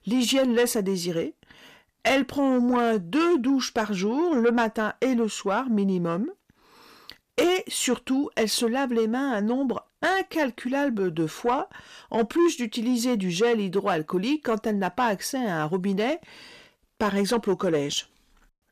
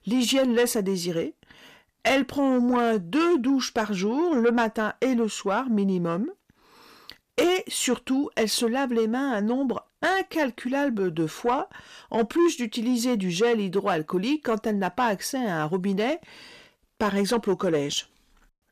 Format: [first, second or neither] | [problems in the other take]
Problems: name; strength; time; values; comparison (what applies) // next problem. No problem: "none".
neither | distortion; slight; 10 dB below the speech; the same in both